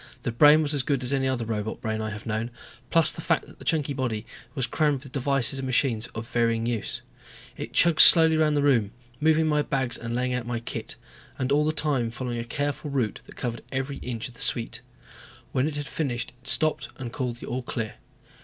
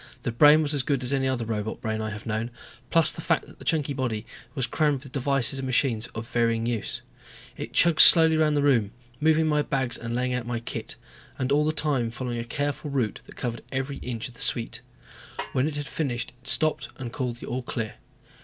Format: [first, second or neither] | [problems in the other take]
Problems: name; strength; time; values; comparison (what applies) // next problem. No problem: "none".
first | background sound (Snare drum); 14 dB below the speech